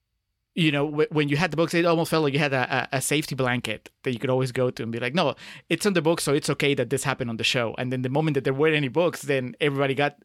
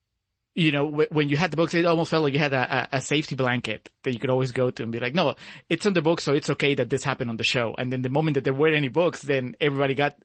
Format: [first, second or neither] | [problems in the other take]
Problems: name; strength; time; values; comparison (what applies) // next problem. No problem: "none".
first | garbled, watery; slightly; nothing above 8 kHz